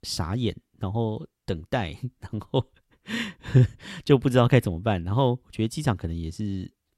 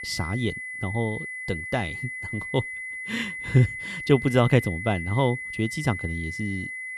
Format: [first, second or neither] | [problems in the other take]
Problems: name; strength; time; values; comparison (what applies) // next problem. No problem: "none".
first | high-pitched whine; loud; throughout; 2 kHz, 6 dB below the speech